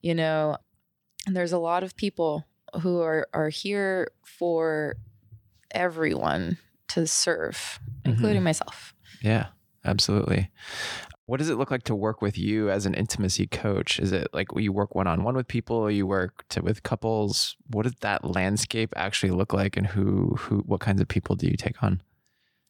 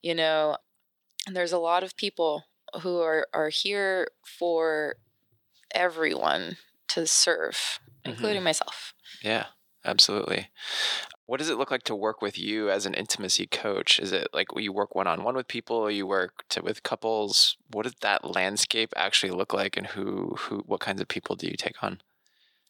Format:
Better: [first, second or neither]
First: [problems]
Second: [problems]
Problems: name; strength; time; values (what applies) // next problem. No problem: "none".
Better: first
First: none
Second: thin; somewhat; fading below 400 Hz